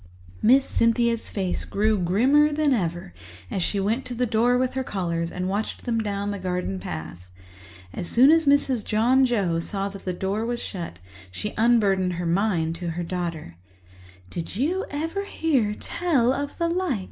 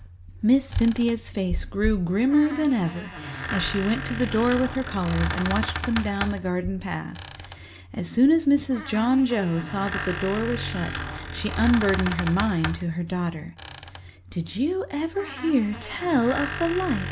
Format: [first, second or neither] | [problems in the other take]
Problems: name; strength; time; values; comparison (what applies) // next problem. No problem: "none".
first | background sound (Squeak); 9 dB below the speech